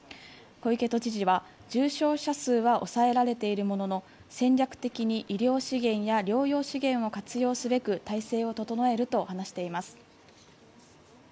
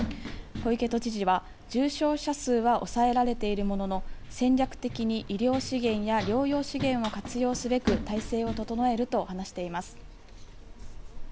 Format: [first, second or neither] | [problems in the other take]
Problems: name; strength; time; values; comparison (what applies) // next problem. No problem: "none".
first | background sound (Run); 9 dB below the speech